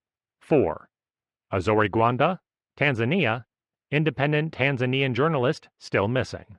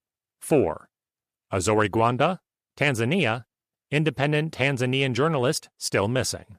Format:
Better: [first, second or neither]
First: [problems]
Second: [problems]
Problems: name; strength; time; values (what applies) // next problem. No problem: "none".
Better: second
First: muffled; slightly; fading above 2.5 kHz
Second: none